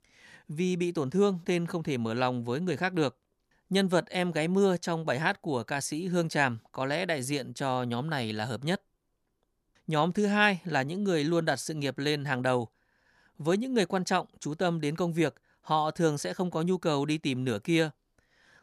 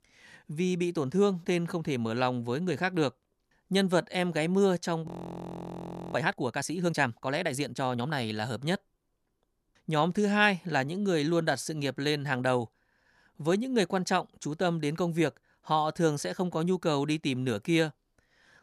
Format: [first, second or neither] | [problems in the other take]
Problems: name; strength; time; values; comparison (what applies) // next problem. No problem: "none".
first | audio freezing; at 5 s for 1 s